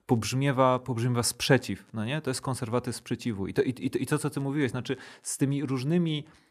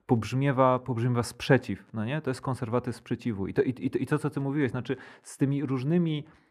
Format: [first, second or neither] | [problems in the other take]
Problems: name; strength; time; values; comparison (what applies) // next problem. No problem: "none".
first | muffled; slightly; fading above 3 kHz